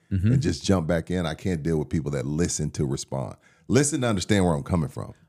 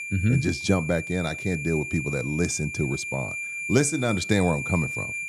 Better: first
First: none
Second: high-pitched whine; loud; throughout; 2.5 kHz, 6 dB below the speech

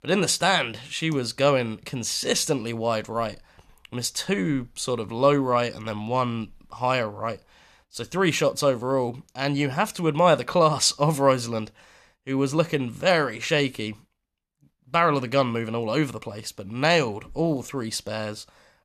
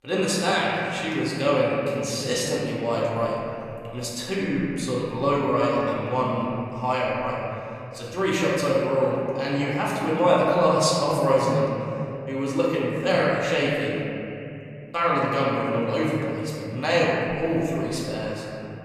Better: first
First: none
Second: room echo; strong; dies away in 3 s // off-mic speech; far

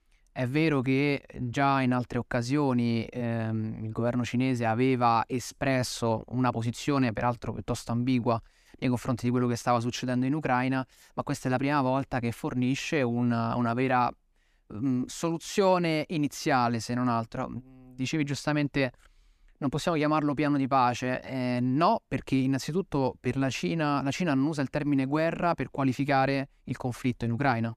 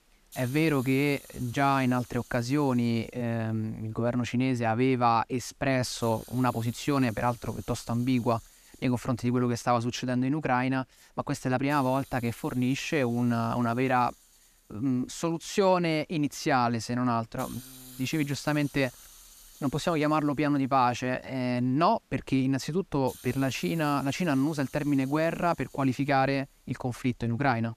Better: first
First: none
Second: hiss; faint; throughout; 20 dB below the speech

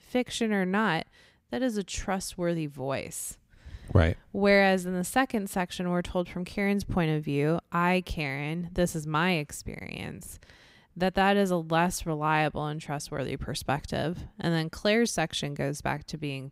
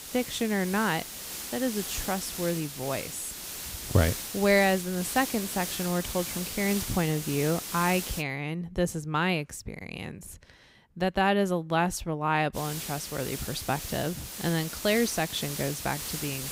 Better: first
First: none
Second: hiss; loud; until 8 s and from 13 s on; 6 dB below the speech

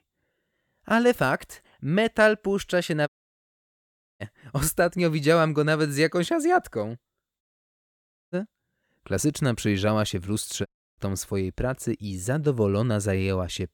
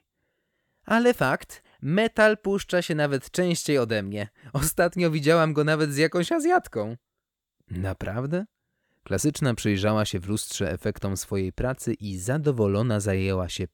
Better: second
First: audio cutting out; at 3 s for 1 s, at 7.5 s for 1 s and at 11 s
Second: none

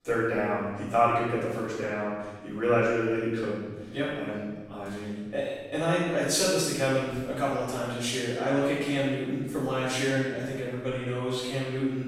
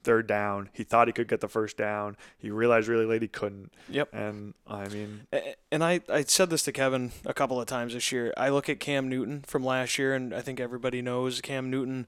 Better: second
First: off-mic speech; far // room echo; strong; dies away in 1.2 s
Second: none

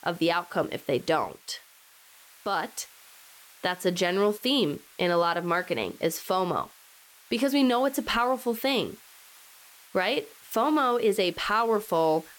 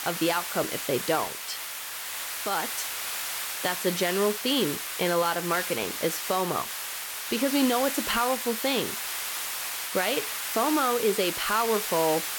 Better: first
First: hiss; faint; throughout; 25 dB below the speech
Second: hiss; loud; throughout; 3 dB below the speech

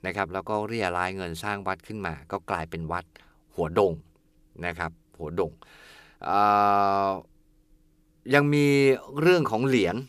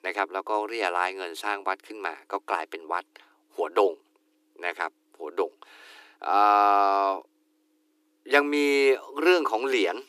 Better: first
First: none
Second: thin; somewhat; fading below 300 Hz

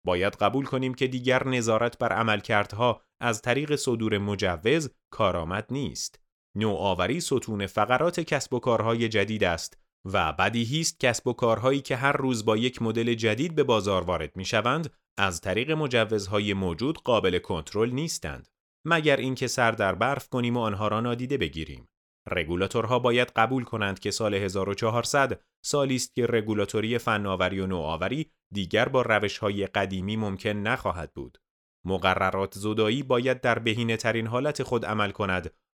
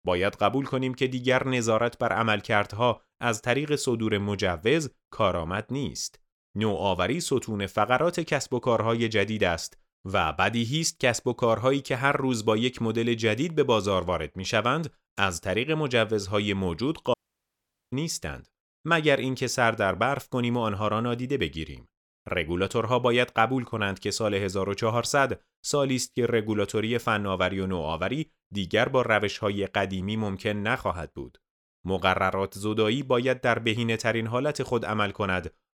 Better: first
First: none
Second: audio cutting out; at 17 s for 1 s

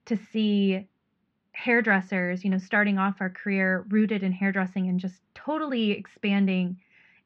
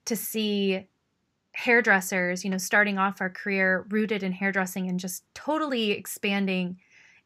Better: second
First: muffled; slightly; fading above 3.5 kHz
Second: none

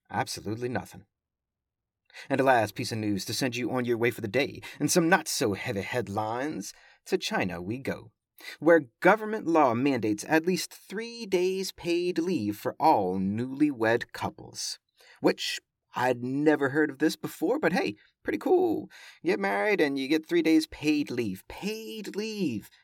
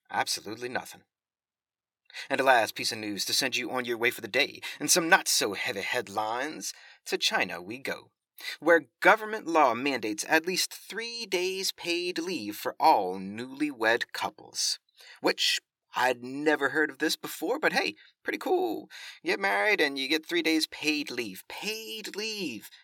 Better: first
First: none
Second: thin; somewhat; fading below 950 Hz

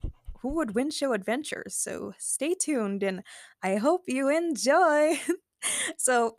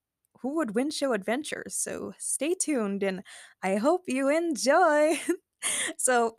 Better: second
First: dog barking; faint; at the start; peak 15 dB below the speech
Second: none

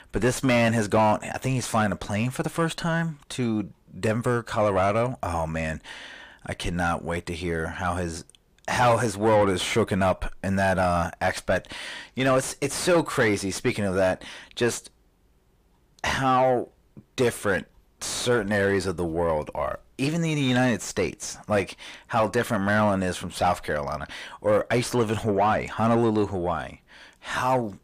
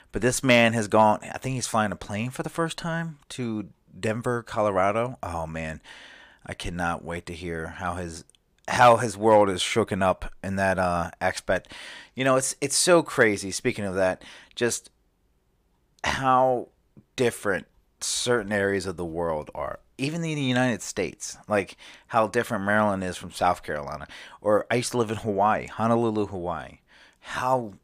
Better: second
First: distortion; heavy; 7 dB below the speech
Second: none

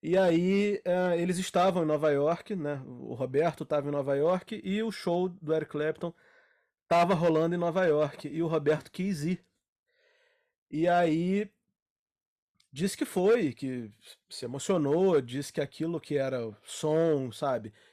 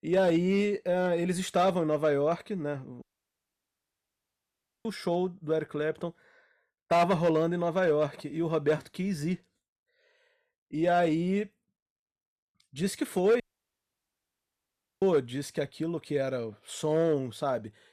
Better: first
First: none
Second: audio cutting out; at 3 s for 2 s and at 13 s for 1.5 s

